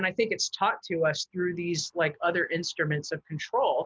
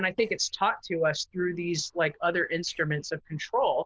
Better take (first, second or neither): first